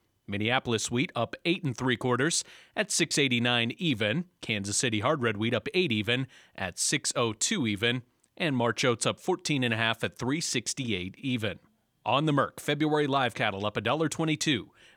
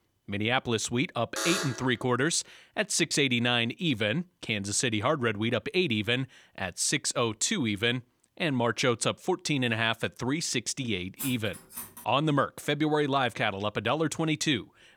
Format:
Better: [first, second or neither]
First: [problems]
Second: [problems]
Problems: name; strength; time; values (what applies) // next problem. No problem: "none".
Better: first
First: none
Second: alarm; noticeable; at 1.5 s; peak 2 dB below the speech // clattering dishes; noticeable; at 11 s; peak 9 dB below the speech